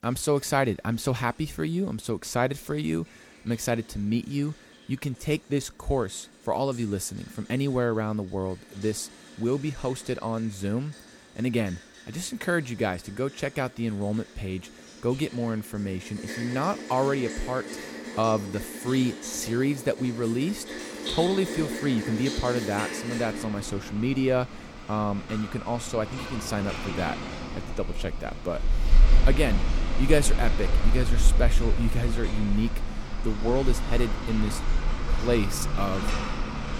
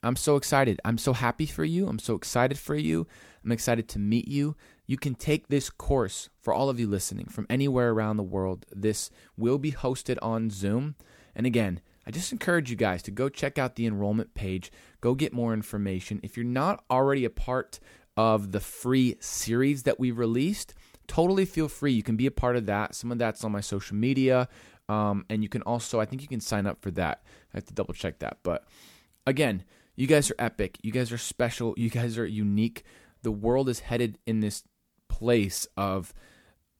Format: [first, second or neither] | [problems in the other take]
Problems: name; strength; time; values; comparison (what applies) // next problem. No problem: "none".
second | rain or running water; loud; throughout; 3 dB below the speech